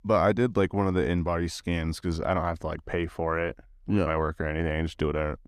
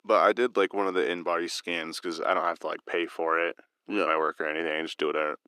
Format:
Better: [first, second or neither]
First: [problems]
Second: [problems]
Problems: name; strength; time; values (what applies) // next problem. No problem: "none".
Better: first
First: none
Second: thin; somewhat; fading below 350 Hz